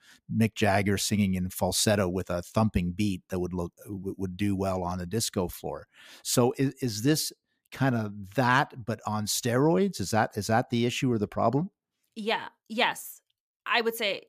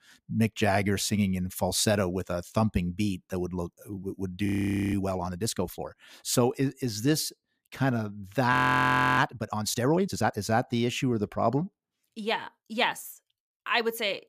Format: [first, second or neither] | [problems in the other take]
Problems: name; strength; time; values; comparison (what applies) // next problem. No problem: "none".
first | audio freezing; at 4.5 s and at 8.5 s for 0.5 s